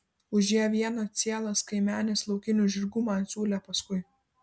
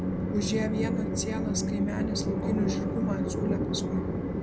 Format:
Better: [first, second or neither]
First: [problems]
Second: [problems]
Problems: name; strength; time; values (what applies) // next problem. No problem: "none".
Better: first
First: none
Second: background sound (Train); 3 dB above the speech